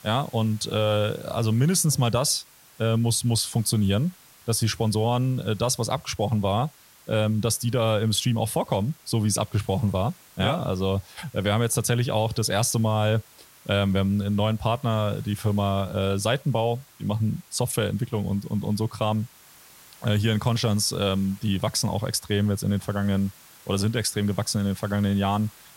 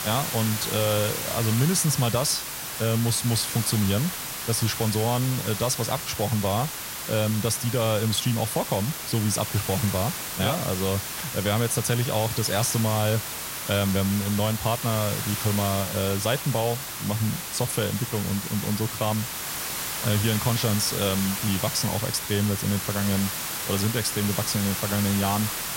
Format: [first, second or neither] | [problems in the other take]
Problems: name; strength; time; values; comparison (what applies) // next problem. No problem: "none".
first | hiss; loud; throughout; 4 dB below the speech; faint in the first